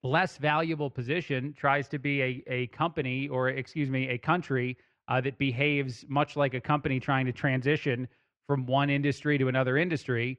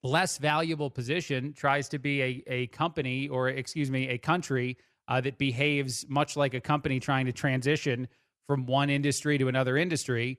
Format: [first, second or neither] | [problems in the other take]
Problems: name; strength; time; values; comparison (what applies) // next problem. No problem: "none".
second | muffled; slightly; fading above 2.5 kHz